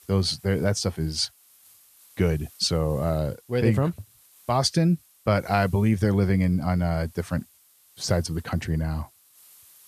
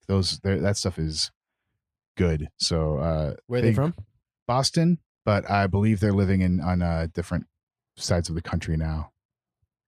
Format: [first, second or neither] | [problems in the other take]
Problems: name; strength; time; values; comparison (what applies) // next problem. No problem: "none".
second | hiss; faint; throughout; 25 dB below the speech